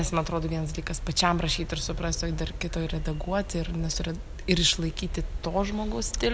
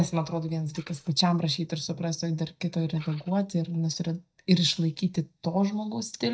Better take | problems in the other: first | noise reduction (neural mask model DeepFilterNet 3)

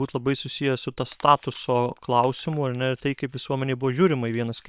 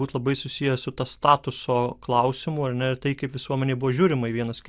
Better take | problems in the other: second | noise reduction (neural separator model SepFormer WHAM!)

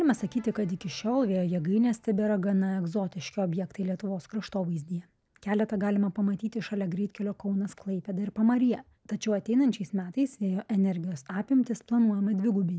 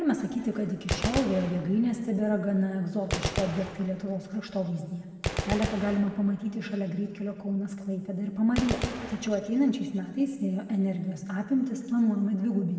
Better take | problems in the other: first | background sound (Gunshot, gunfire); 9 dB below the speech // room echo; dies away in 1.6 s

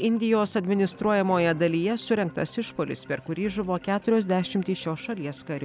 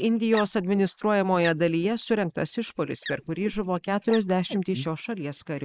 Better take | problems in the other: first | noise reduction (neural mask model Resemble Enhance denoiser)

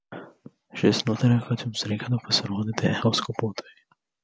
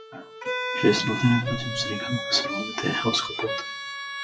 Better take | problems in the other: first | noise reduction (classical method WPE with log-MMSE)

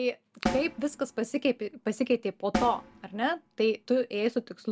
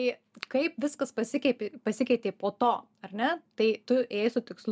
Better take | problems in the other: second | background sound (Snare drum); 9 dB below the speech

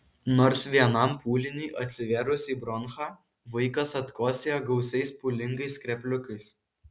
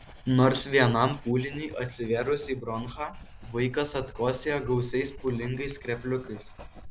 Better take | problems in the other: first | background sound (Writing); 16 dB below the speech

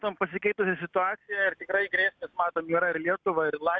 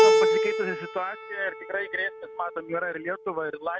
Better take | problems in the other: first | background sound (Keyboard (musical)); 5 dB above the speech

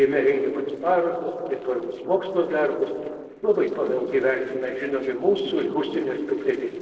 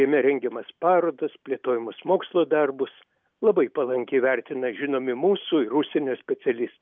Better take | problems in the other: second | noise reduction (neural separator model SepFormer DNS4)

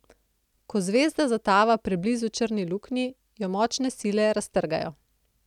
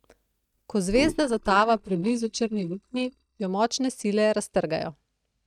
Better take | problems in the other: first | noise reduction (neural mask model DeepFilterNet 3)

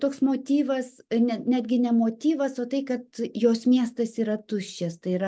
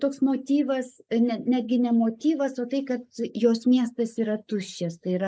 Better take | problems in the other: first | noise reduction (neural mask model Resemble Enhance denoiser)

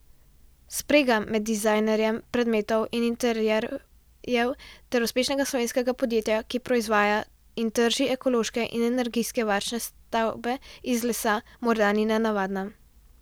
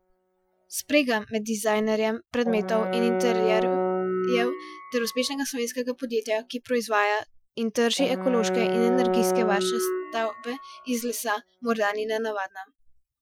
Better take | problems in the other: first | noise reduction (classical method Wiener filter)

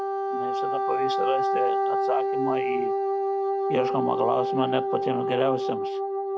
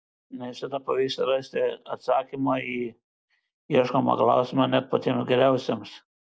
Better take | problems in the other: second | background sound (Wind instrument, woodwind instrument); 4 dB above the speech

